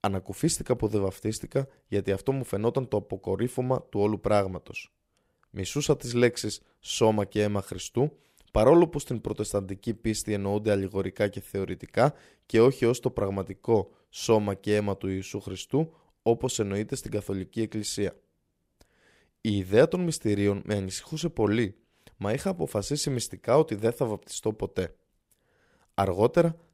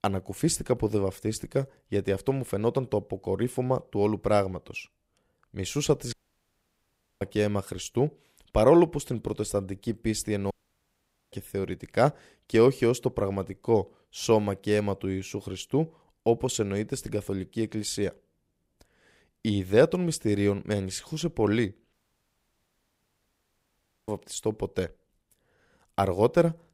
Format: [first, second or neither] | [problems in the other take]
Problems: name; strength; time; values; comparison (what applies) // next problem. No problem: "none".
first | audio cutting out; at 6 s for 1 s, at 11 s for 1 s and at 22 s for 2 s